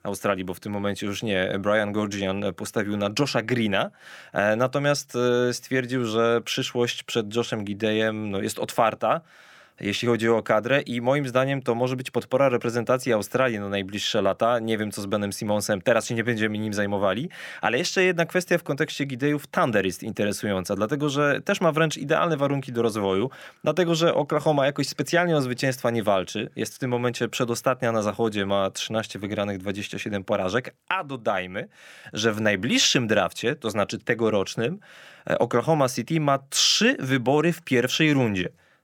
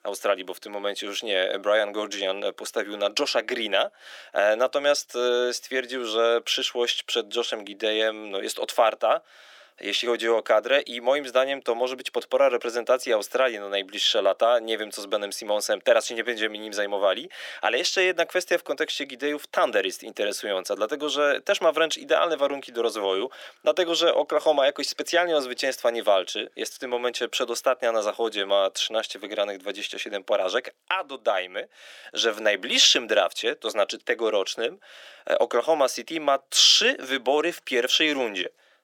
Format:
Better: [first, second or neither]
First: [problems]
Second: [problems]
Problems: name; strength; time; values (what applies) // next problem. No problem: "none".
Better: first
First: none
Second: thin; somewhat; fading below 350 Hz